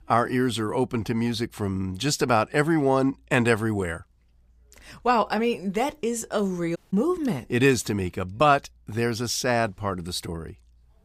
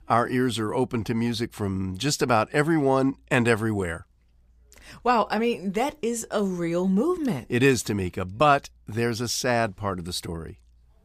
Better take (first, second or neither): second